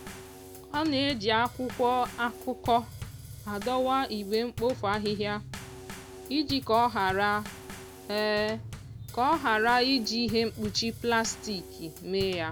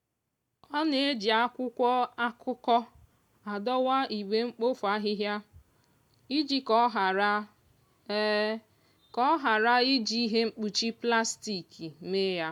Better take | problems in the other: second | background sound (Bass drum / Snare drum / Drum kit); 13 dB below the speech

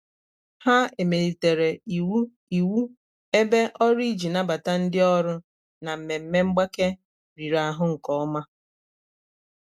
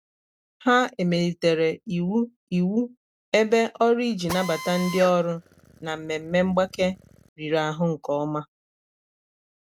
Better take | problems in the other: first | background sound (Drill); 14 dB below the speech

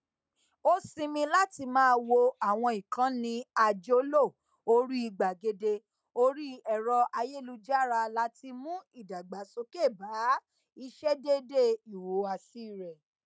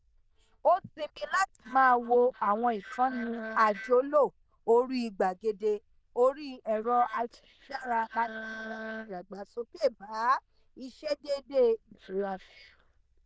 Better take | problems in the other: first | noise reduction (neural diffusion model UNIVERSE++)

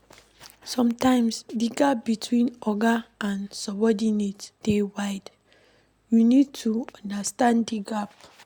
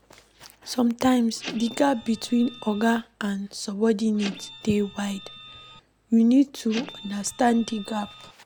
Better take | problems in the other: first | background sound (Printer); 16 dB below the speech

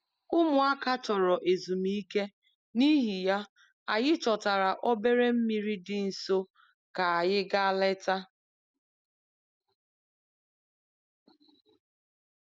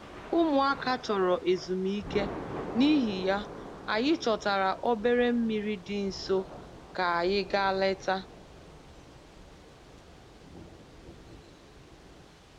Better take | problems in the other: first | background sound (Thunder / Rain); 13 dB below the speech

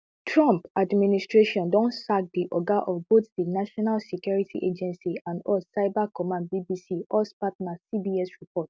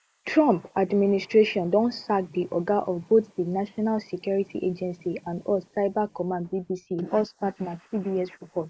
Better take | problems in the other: first | noise reduction (neural mask model Resemble Enhance denoiser)

